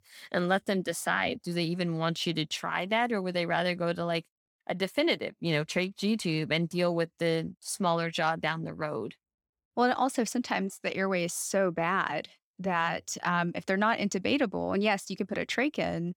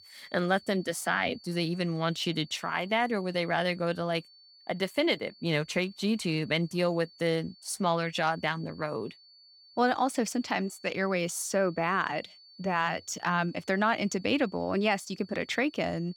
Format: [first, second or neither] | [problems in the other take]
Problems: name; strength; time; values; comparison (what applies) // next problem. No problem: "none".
first | high-pitched whine; faint; throughout; 4.5 kHz, 25 dB below the speech